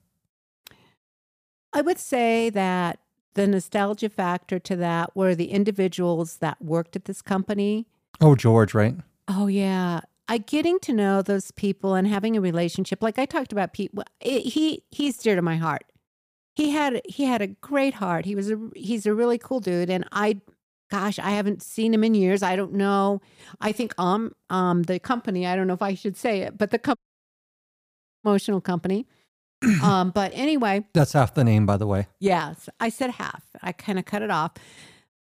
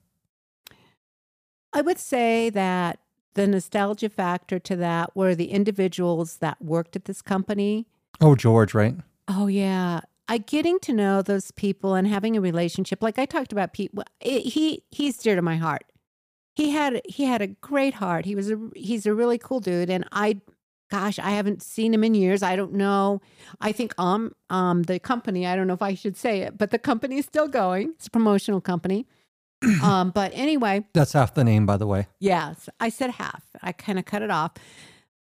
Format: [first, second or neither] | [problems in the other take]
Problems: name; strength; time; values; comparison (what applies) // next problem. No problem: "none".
second | audio cutting out; at 27 s for 1.5 s